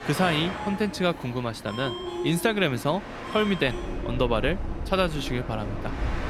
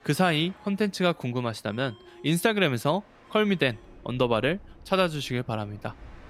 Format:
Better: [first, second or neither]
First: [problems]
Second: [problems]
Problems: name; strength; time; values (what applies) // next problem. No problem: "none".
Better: second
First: train or aircraft noise; loud; throughout; 7 dB below the speech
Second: train or aircraft noise; faint; throughout; 25 dB below the speech